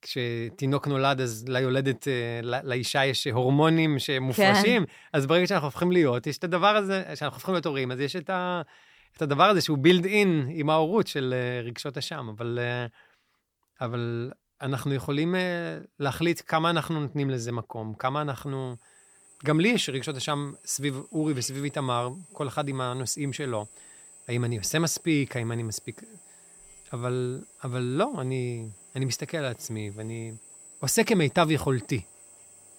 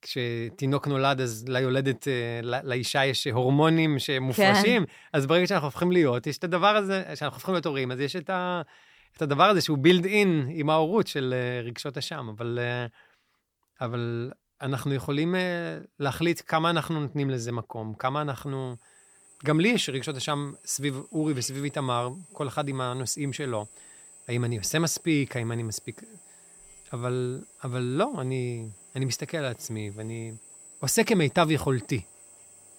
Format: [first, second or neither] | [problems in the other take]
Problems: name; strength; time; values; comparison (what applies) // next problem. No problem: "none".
neither | machinery noise; faint; from 19 s on; 20 dB below the speech; the same in both